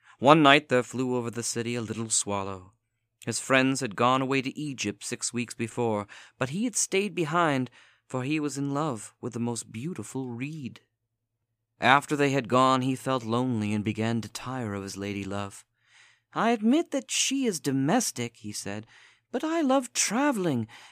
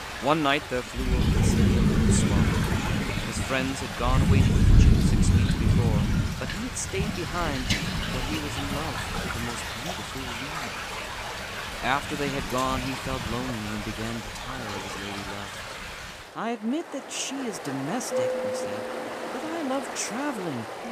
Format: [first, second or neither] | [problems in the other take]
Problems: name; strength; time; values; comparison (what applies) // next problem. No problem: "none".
first | rain or running water; very loud; throughout; 5 dB above the speech